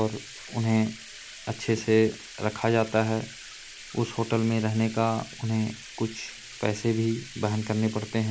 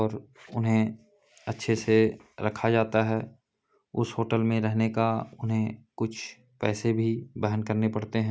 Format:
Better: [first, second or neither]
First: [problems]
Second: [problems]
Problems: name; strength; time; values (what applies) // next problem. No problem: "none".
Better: second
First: background sound (Bathtub (filling or washing)); 16 dB below the speech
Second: none